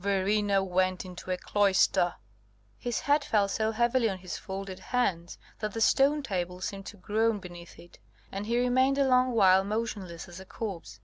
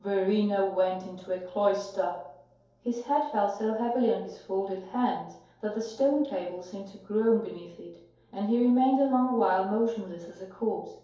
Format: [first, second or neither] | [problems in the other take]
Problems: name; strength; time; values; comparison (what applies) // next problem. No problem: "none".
first | room echo; dies away in 2.4 s